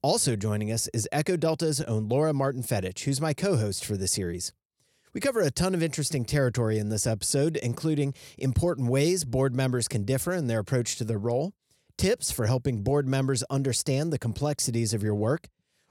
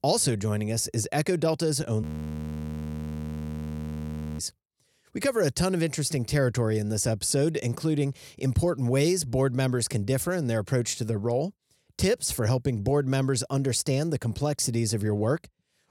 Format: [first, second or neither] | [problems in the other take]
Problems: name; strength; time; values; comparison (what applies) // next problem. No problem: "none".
first | audio freezing; at 2 s for 2.5 s